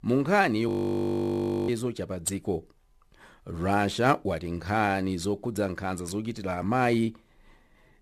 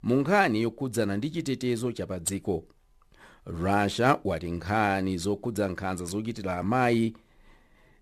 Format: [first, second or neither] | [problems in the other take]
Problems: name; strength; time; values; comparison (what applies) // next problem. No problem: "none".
second | audio freezing; at 0.5 s for 1 s